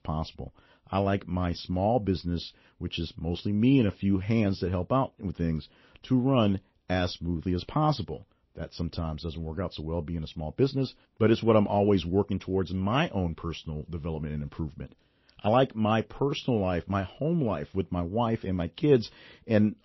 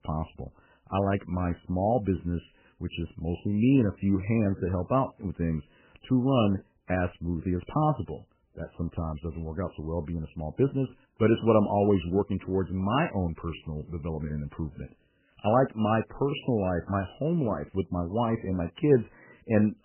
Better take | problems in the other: first | garbled, watery; badly; nothing above 3 kHz; slightly in the first

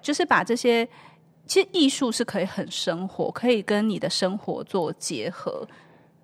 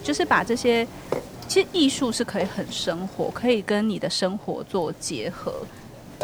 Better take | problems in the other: first | hiss; noticeable; throughout; 15 dB below the speech

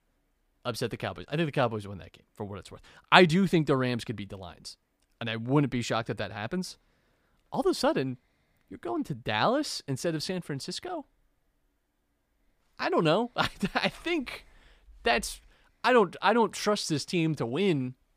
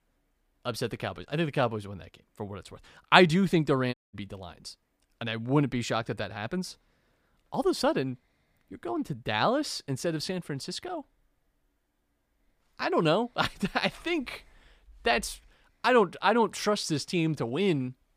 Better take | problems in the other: first | audio cutting out; at 4 s

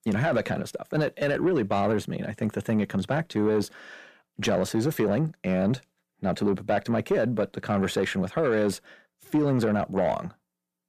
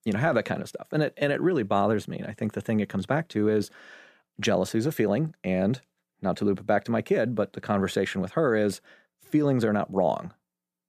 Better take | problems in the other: second | distortion; slight; 10 dB below the speech

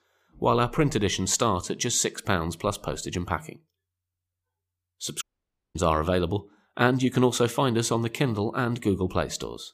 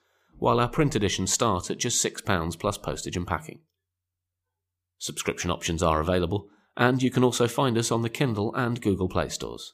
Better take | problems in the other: second | audio cutting out; at 5 s for 0.5 s

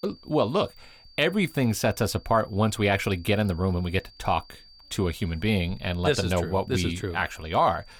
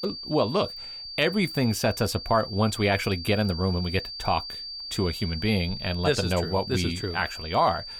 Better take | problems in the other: first | high-pitched whine; loud; throughout; 4.5 kHz, 9 dB below the speech; faint in the first

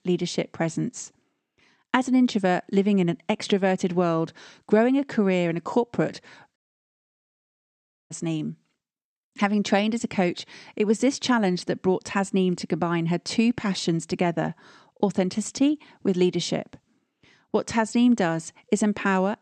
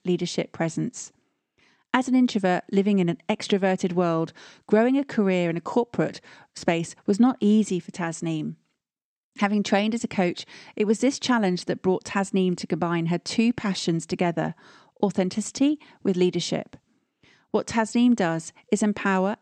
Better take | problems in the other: second | audio cutting out; at 6.5 s for 1.5 s

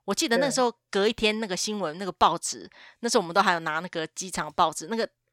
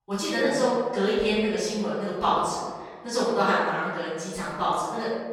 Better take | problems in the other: first | room echo; strong; dies away in 1.6 s // off-mic speech; far

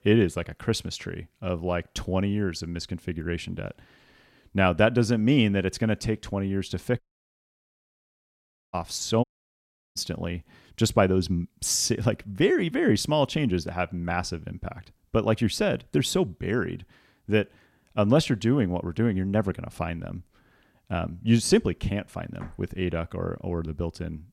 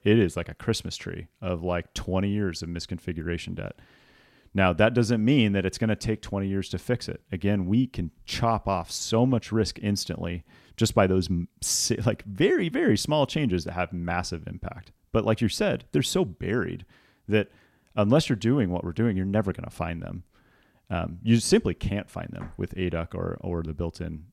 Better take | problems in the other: second | audio cutting out; at 7 s for 1.5 s and at 9 s for 0.5 s

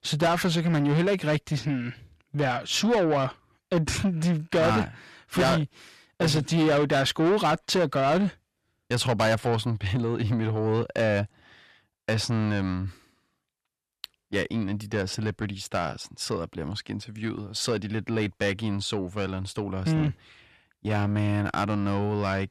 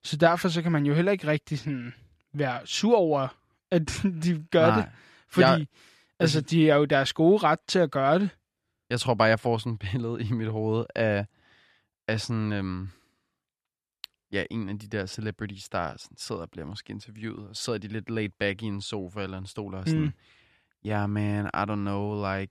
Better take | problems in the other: second | distortion; heavy; 8 dB below the speech

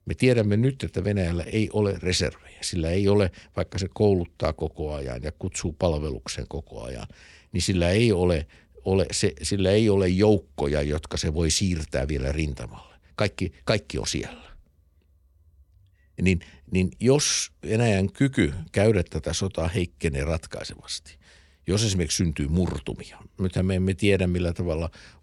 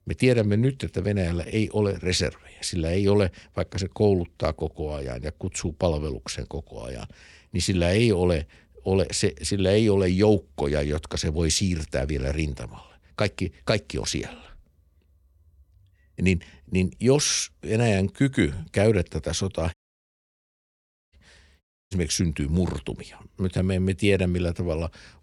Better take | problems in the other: first | audio cutting out; at 20 s for 1.5 s and at 22 s

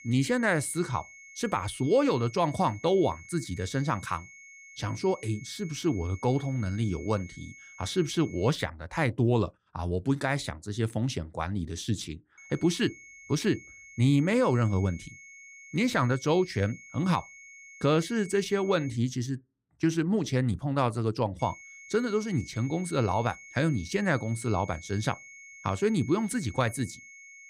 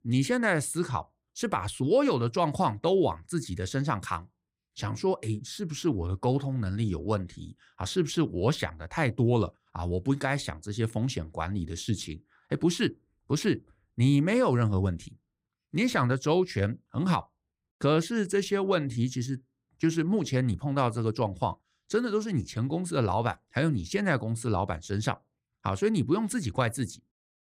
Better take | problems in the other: second | high-pitched whine; noticeable; until 8.5 s, from 12 to 19 s and from 21 s on; 2 kHz, 20 dB below the speech

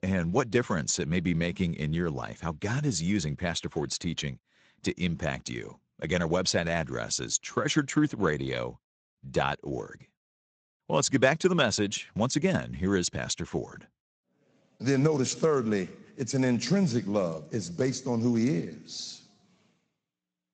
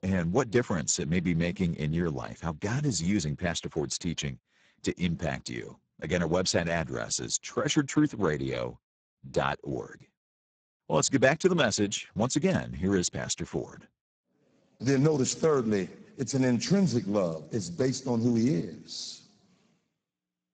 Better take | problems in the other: first | garbled, watery; badly; nothing above 7.5 kHz; slightly in the first

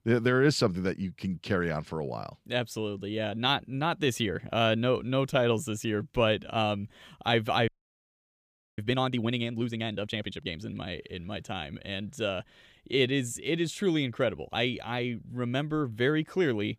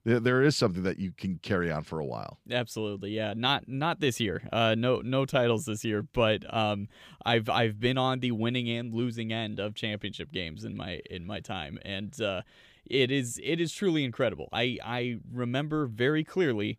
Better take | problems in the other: second | audio freezing; at 7.5 s for 1 s

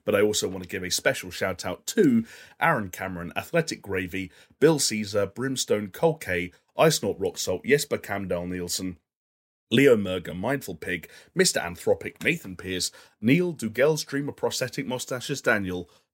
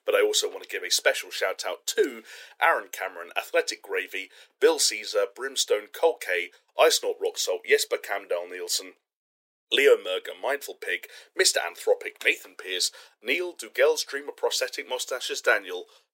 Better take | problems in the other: first | thin; very; fading below 400 Hz

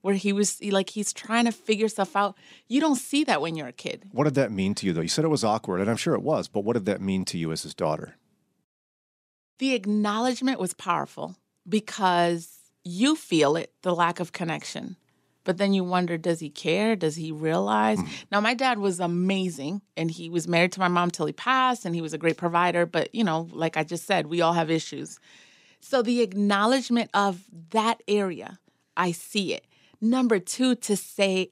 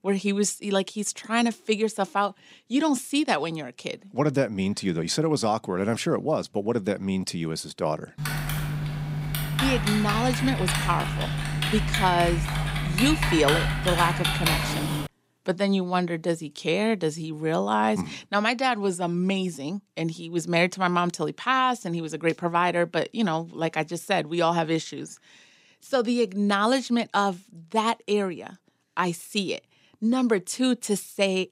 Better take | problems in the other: first | keyboard typing; loud; from 8 to 15 s; peak 3 dB above the speech

